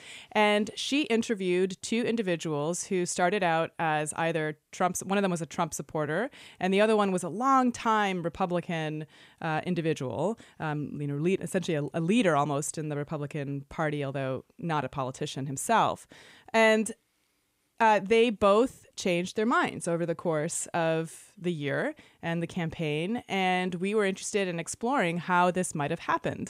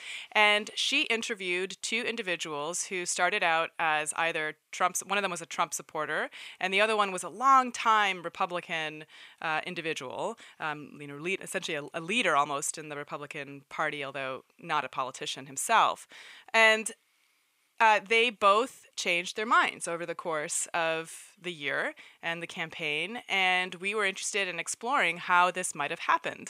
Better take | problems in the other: first | thin; somewhat; fading below 1 kHz

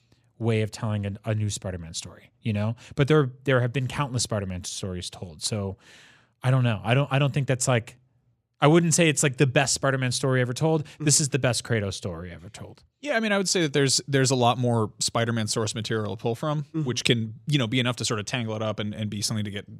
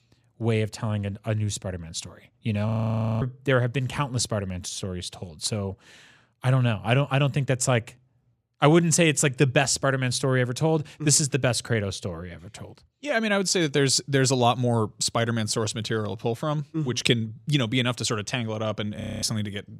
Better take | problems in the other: first | audio freezing; at 2.5 s for 0.5 s and at 19 s

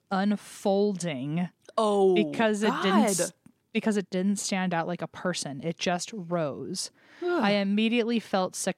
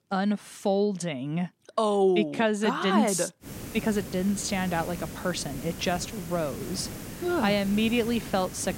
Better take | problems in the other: first | hiss; noticeable; from 3.5 s on; 10 dB below the speech

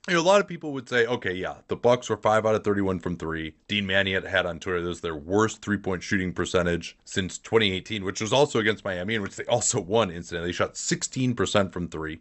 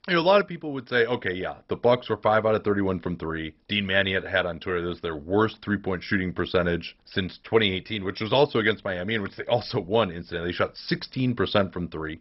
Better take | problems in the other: first | garbled, watery; badly; nothing above 5.5 kHz; slightly in the first

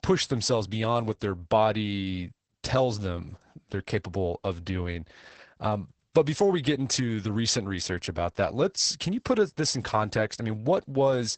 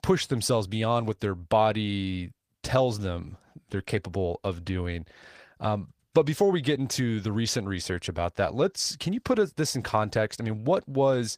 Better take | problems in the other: second | garbled, watery; badly; nothing above 8 kHz; slightly in the second

